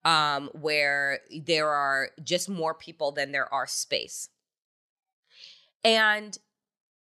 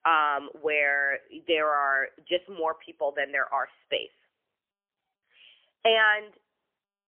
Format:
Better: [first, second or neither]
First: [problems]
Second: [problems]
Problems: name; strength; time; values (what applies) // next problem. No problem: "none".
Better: first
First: none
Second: phone-call audio; poor line; nothing above 3 kHz